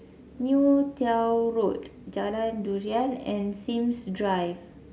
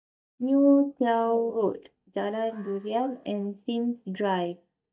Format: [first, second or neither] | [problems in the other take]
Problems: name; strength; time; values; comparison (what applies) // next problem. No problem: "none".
first | noise reduction (neural mask model DeepFilterNet 3)